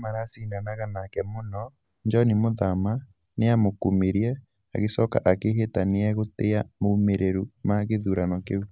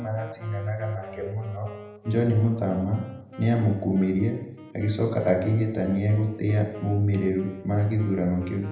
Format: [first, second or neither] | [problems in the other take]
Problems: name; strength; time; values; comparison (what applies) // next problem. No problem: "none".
first | background sound (Wind instrument, woodwind instrument); 19 dB below the speech // room echo; dies away in 0.8 s